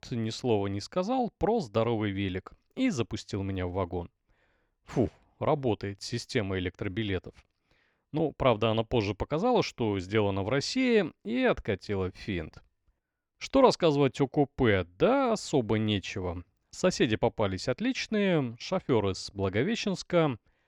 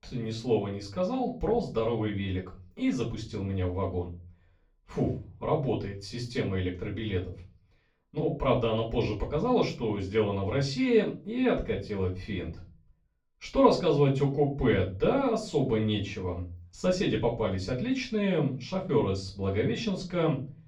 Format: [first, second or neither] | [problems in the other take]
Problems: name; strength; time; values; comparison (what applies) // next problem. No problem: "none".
first | room echo; slight; dies away in 0.4 s // off-mic speech; far